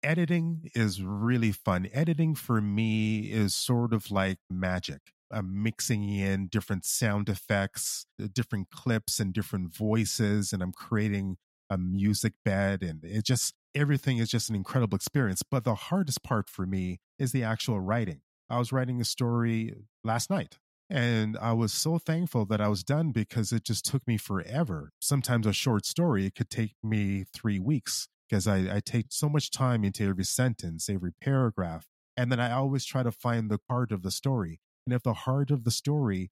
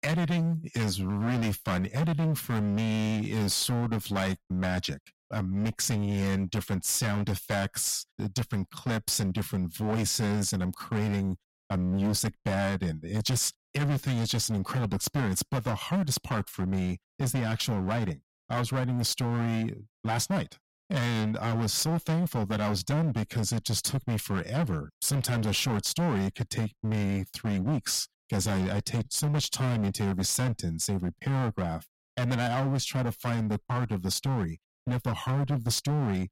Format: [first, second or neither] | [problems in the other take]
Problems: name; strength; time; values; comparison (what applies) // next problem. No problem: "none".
first | distortion; heavy; 20% of the sound clipped